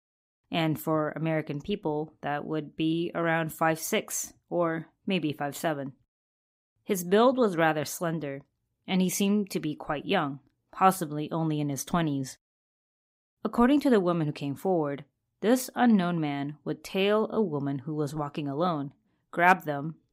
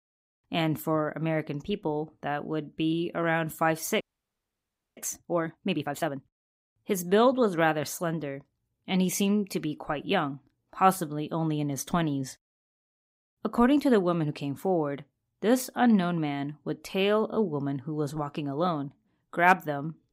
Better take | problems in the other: first | audio freezing; at 4 s for 1 s

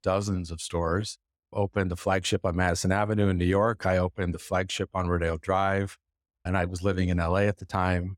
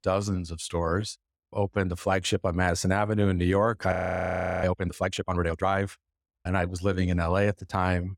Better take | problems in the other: first | audio freezing; at 4 s for 0.5 s

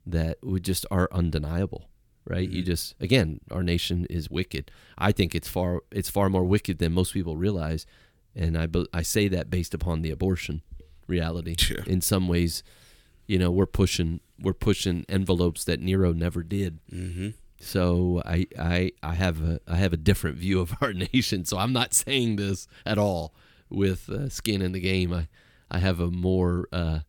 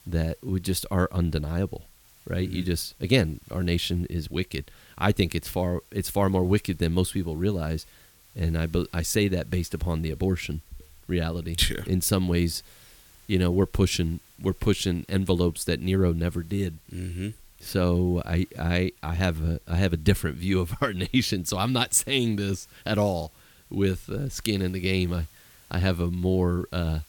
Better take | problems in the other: first | hiss; faint; throughout; 30 dB below the speech

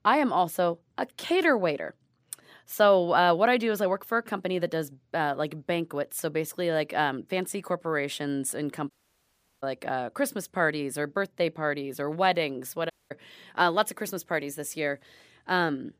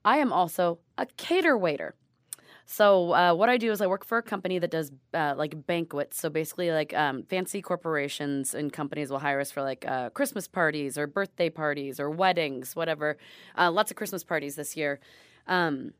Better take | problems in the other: second | audio cutting out; at 9 s for 0.5 s and at 13 s

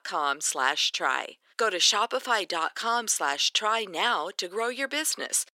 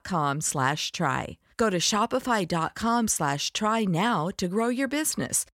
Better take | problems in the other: second | thin; very; fading below 350 Hz

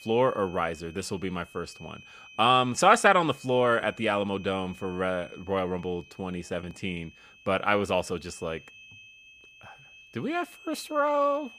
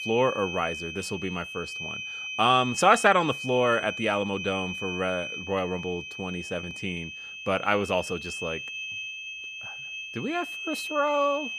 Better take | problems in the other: first | high-pitched whine; loud; throughout; 2.5 kHz, 7 dB below the speech; faint in the first

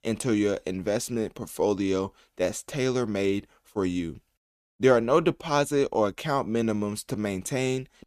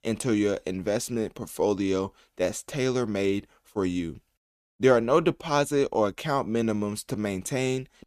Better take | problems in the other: neither | none

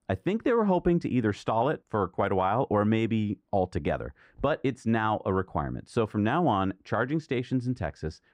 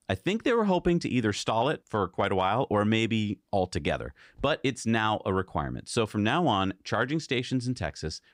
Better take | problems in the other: second | muffled; slightly; fading above 2.5 kHz

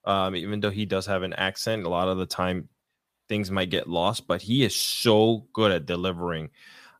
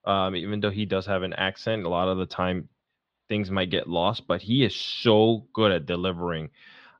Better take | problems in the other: first | muffled; slightly; fading above 3.5 kHz

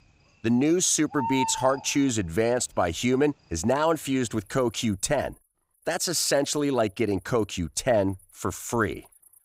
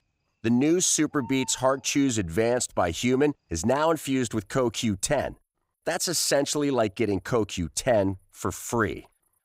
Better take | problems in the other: second | animal sounds; loud; throughout; 7 dB below the speech; faint in the second

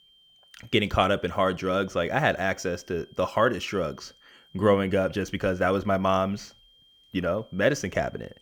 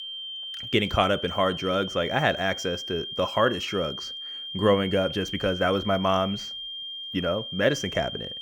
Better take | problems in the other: first | high-pitched whine; loud; throughout; 3 kHz, 8 dB below the speech; faint in the first

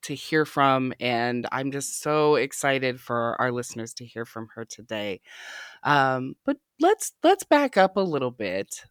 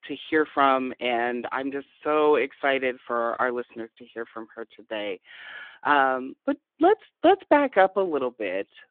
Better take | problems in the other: first | phone-call audio

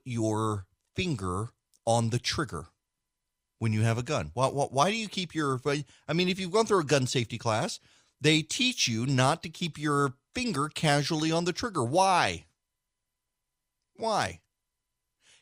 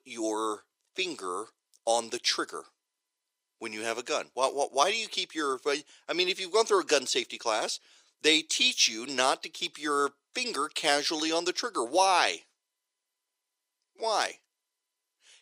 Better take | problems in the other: first | thin; very; fading below 350 Hz

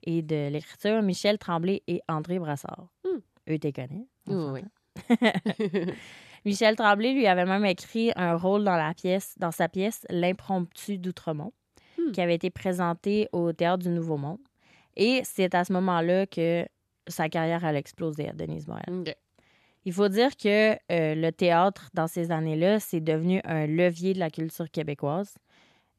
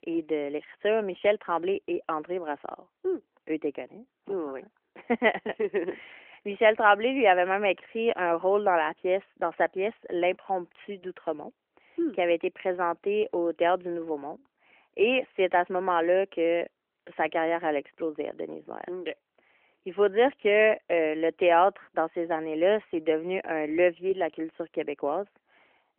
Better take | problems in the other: first | phone-call audio; nothing above 3 kHz

